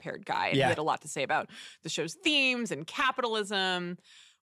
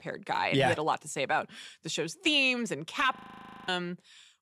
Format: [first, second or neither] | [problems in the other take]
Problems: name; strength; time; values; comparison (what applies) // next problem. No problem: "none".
first | audio freezing; at 3 s for 0.5 s